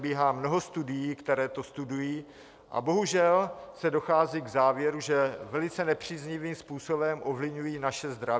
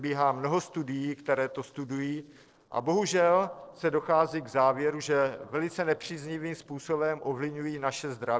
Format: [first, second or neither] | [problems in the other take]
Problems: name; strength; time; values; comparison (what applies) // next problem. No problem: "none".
first | noise reduction (neural separator model SepFormer DNS4)